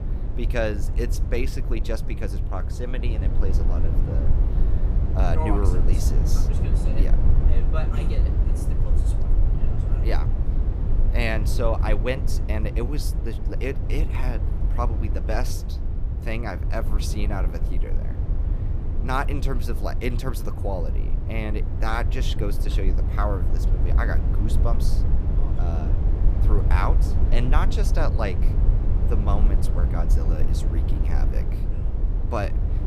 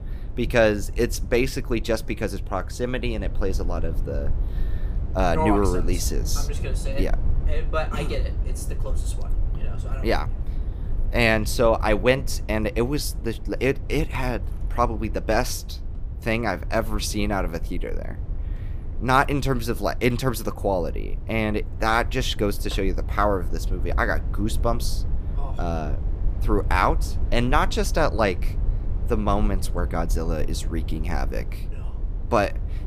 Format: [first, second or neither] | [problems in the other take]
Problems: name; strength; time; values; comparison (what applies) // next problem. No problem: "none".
second | low rumble; loud; throughout; 7 dB below the speech; faint in the second